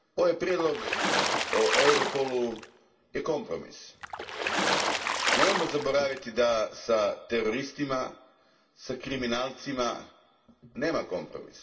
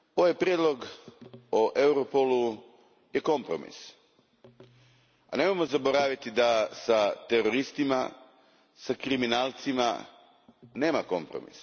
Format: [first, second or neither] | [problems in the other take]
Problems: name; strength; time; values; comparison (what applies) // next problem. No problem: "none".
second | background sound (Water / Splash, splatter); 1 dB above the speech // room echo; dies away in 0.2 s